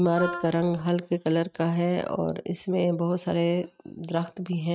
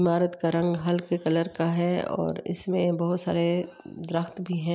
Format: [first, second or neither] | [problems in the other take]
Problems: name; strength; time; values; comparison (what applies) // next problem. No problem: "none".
second | noise reduction (neural mask model RNNoise)